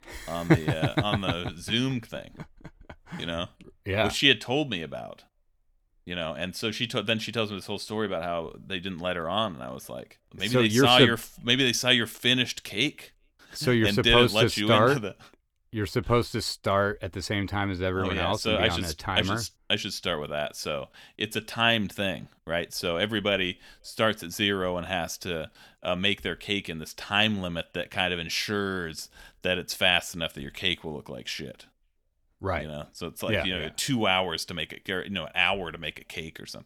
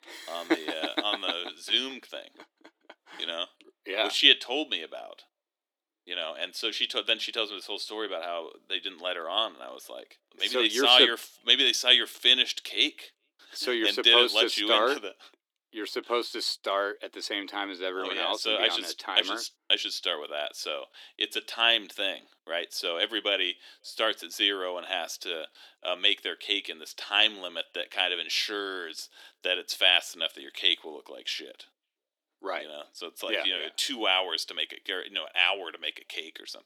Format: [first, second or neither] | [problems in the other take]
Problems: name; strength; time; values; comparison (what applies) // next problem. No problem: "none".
first | thin; somewhat; fading below 300 Hz